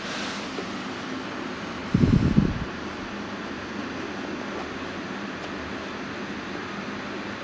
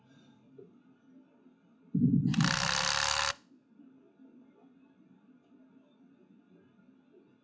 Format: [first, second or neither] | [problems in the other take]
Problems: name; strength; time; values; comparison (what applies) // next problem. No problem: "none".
first | noise reduction (classical method WPE with log-MMSE)